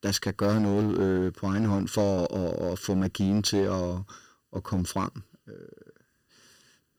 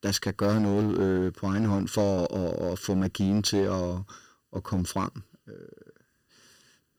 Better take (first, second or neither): neither